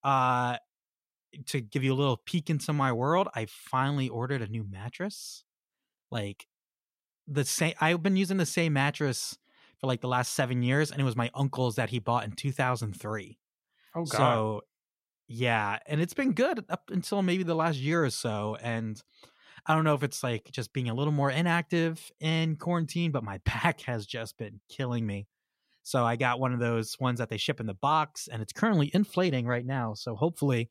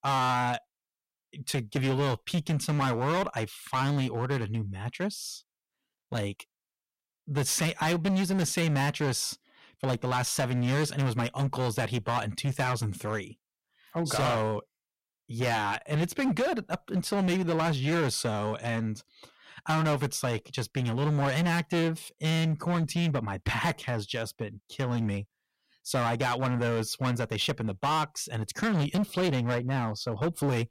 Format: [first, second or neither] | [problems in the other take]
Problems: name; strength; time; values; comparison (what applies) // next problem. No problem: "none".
first | distortion; heavy; 14% of the sound clipped